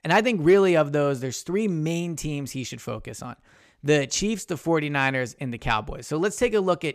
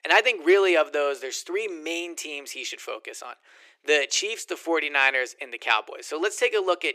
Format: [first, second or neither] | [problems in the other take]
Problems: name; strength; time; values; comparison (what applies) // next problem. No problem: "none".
first | thin; very; fading below 350 Hz